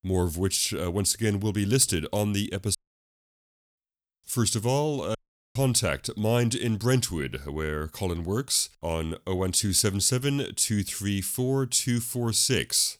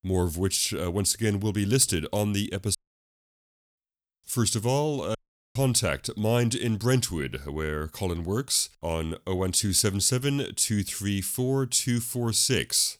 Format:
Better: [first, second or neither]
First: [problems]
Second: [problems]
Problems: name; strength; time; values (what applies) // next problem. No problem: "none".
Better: neither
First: audio cutting out; at 3 s for 1 s and at 5 s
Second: audio cutting out; at 3 s for 1 s and at 5 s